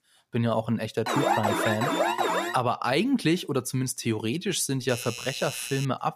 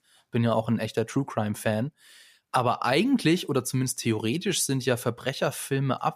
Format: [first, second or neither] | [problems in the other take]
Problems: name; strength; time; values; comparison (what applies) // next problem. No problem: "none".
second | alarm; loud; from 1 to 2.5 s; peak 3 dB above the speech // doorbell; noticeable; from 5 s on; peak 7 dB below the speech